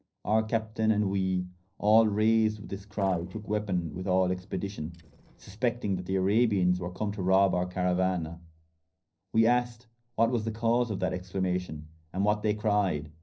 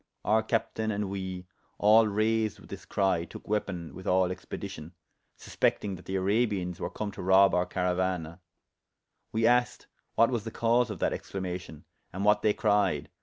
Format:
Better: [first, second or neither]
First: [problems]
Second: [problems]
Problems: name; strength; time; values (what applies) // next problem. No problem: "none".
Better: second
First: noise reduction (neural separator model SepFormer DNS4)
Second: none